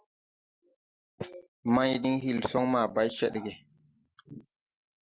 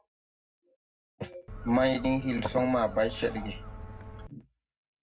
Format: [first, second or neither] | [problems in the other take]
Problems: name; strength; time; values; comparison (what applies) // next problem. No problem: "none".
first | background sound (Gull, seagull); 11 dB below the speech // room echo; dies away in 0.3 s